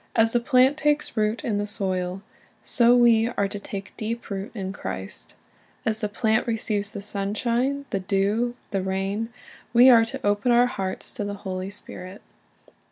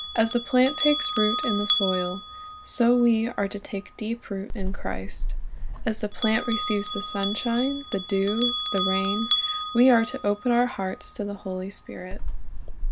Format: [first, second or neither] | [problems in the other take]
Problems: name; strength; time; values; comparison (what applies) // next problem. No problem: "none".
first | background sound (Bell); 3 dB below the speech